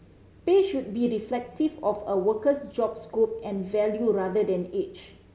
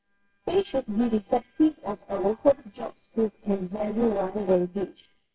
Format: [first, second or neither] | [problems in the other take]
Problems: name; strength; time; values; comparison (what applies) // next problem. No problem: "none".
first | noise reduction (neural separator model SepFormer WHAMR!)